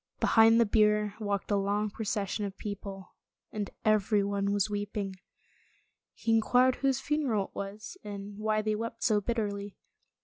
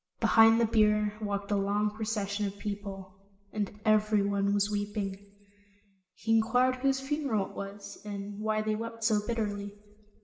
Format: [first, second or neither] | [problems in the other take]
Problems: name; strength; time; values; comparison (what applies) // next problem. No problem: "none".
first | room echo; dies away in 0.9 s